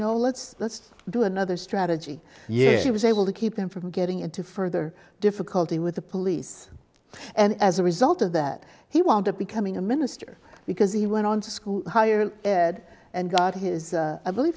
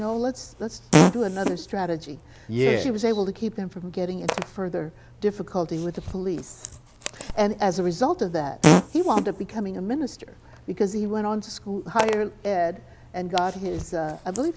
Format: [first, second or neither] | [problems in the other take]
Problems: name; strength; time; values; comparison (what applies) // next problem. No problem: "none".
first | background sound (Fart); 2 dB below the speech